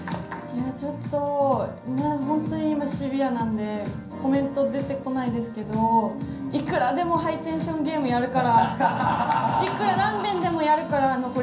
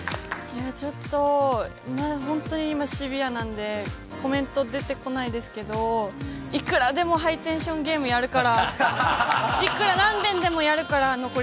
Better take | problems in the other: second | room echo; dies away in 0.6 s

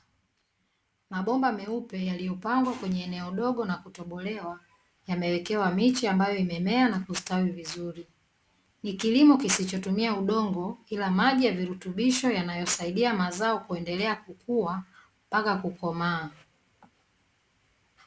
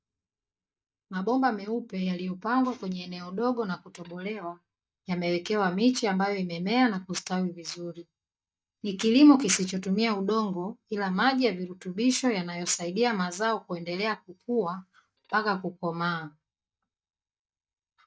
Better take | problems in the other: first | noise reduction (neural mask model DeepFilterNet 3)

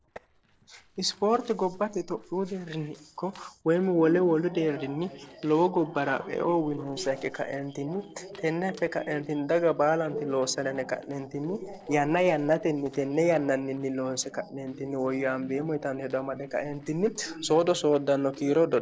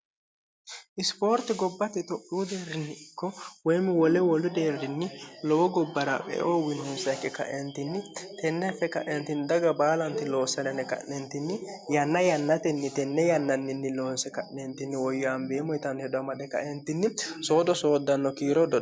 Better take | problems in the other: second | noise reduction (neural separator model SepFormer DNS4)

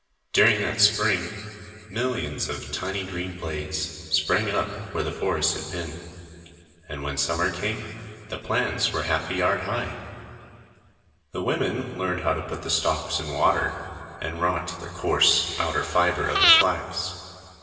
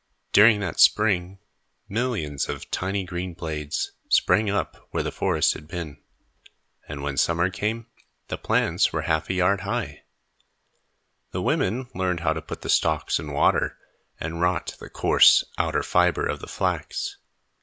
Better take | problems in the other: second | background sound (Breathing); 3 dB above the speech // room echo; dies away in 2.6 s

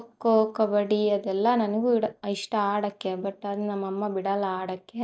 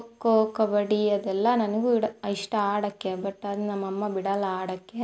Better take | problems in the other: second | noise reduction (neural mask model DeepFilterNet 3)

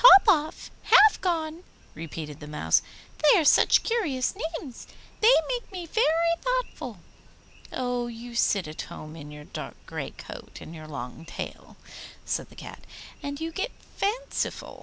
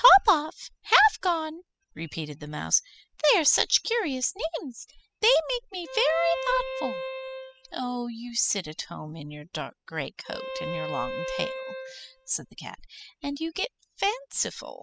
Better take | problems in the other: first | noise reduction (classical method spectral subtraction)

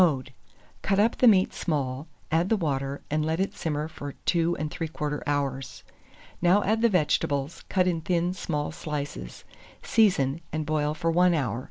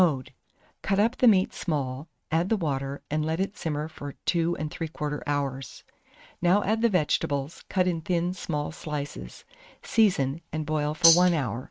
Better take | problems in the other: first | noise reduction (neural mask model RNNoise)

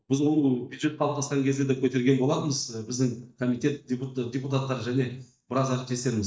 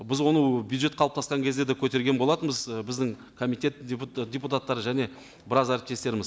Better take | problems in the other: second | noise reduction (neural mask model DeepFilterNet 3)

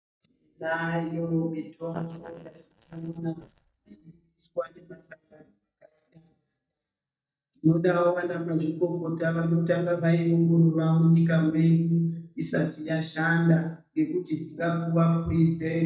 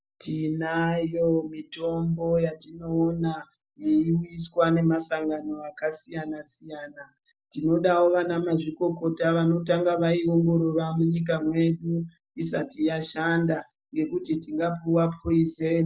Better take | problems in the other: second | noise reduction (neural mask model DeepFilterNet 3)

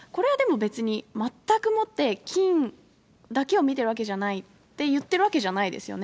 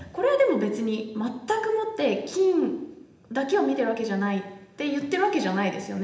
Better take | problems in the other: first | room echo; dies away in 0.8 s

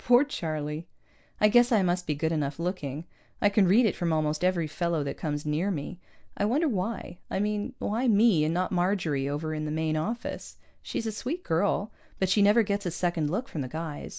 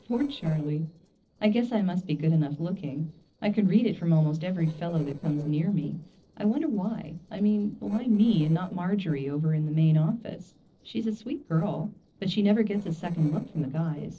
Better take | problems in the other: first | noise reduction (neural separator model SepFormer DNS4)

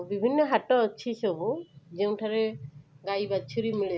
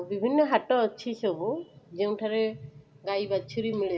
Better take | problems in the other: first | room echo; dies away in 0.5 s

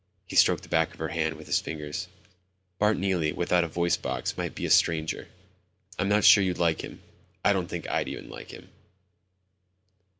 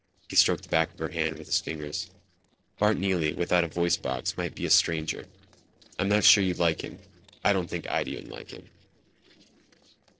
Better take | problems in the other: first | noise reduction (neural separator model SepFormer DNS4)

